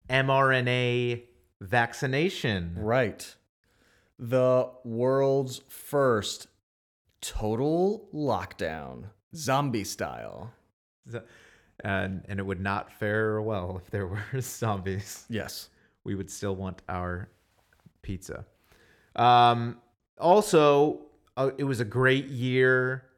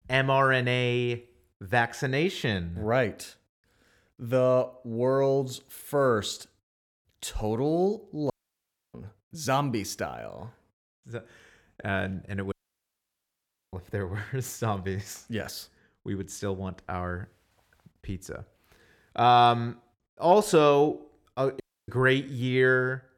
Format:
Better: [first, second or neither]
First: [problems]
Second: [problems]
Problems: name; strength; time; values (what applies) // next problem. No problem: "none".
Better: first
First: none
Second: audio cutting out; at 8.5 s for 0.5 s, at 13 s for 1 s and at 22 s